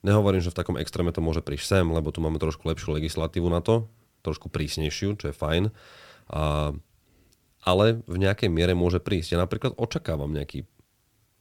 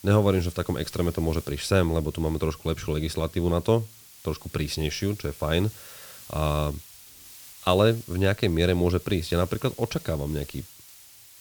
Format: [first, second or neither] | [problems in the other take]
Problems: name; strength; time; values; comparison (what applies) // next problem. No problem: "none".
first | hiss; noticeable; throughout; 20 dB below the speech